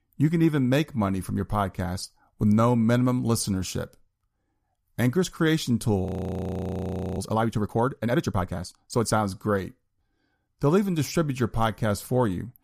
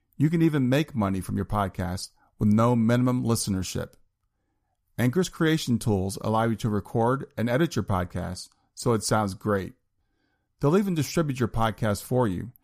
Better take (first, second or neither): second